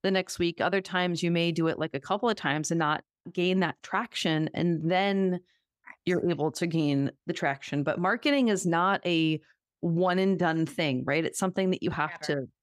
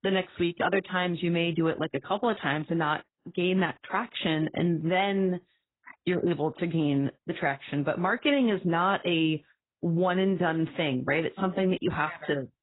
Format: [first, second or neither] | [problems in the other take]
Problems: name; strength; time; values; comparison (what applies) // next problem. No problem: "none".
first | garbled, watery; badly; nothing above 4 kHz